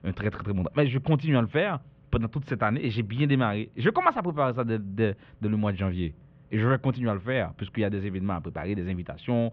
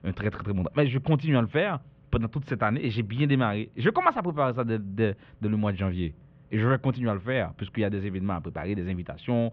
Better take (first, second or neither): neither